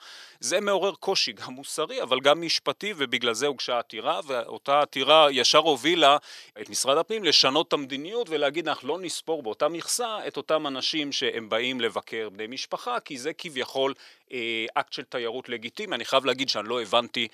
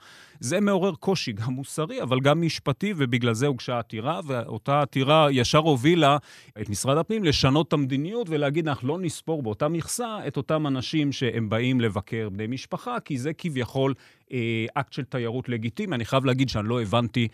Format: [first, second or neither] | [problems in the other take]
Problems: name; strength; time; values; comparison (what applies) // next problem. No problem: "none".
second | thin; somewhat; fading below 500 Hz